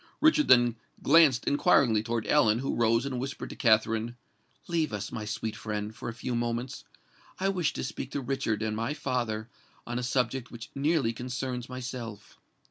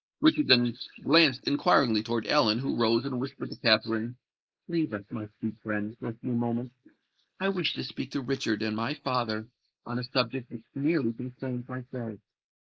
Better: first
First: none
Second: noise reduction (neural mask model Resemble Enhance denoiser)

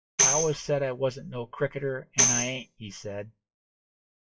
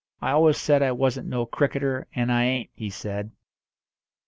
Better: second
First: noise reduction (classical method WPE with log-MMSE)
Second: none

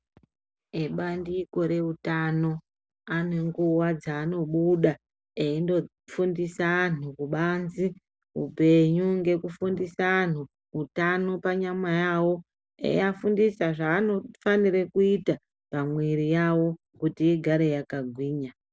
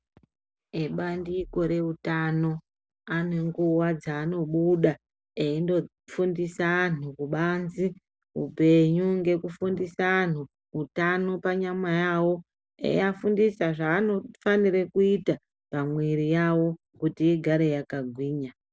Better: first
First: none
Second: background sound (Bass drum); 19 dB below the speech

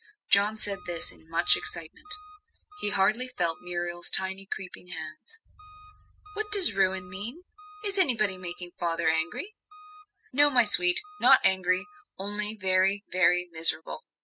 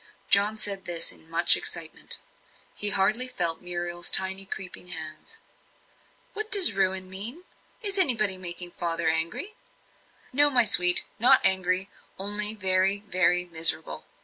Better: second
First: noise reduction (classical method spectral subtraction)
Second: none

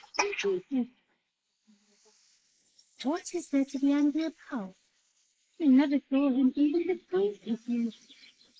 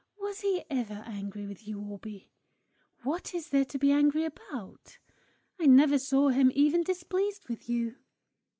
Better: second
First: noise reduction (neural mask model Resemble Enhance denoiser)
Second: none

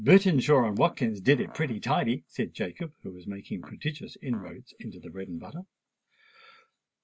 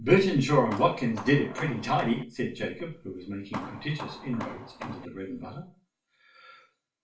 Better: first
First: none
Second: background sound (Hammer); 14 dB below the speech // room echo; dies away in 0.4 s

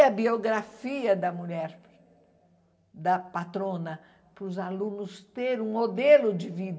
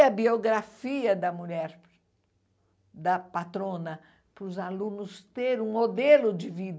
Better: second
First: room echo; dies away in 1.4 s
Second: none

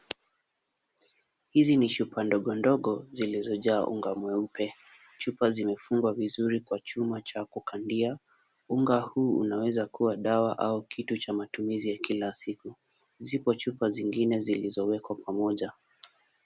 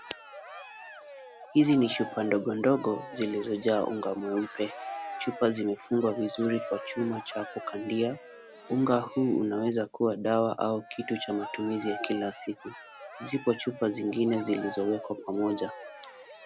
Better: first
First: none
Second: background sound (Cheering); 13 dB below the speech

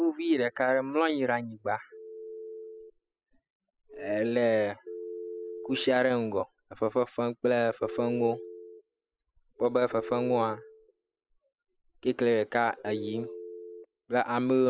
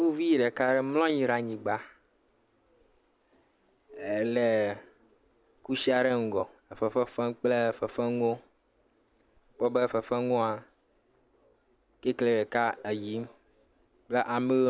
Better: second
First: noise reduction (classical method spectral subtraction)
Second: none

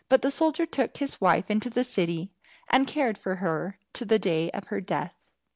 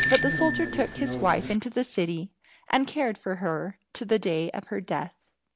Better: first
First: none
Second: background sound (Bicycle bell); 7 dB below the speech

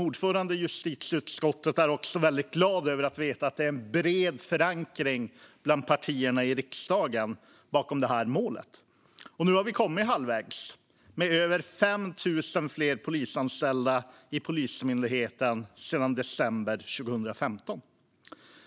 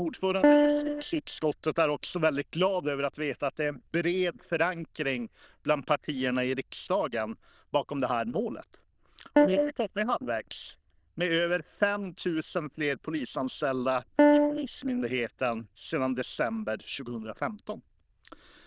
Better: first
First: none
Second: noise reduction (neural diffusion model UNIVERSE++)

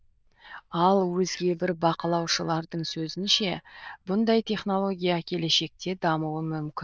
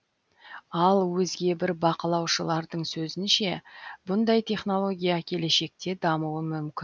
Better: second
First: noise reduction (neural diffusion model UNIVERSE++)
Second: none

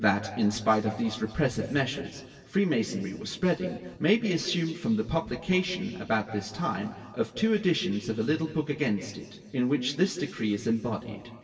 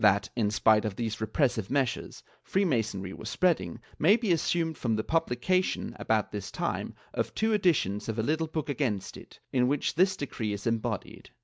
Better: second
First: room echo; dies away in 1.9 s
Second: none

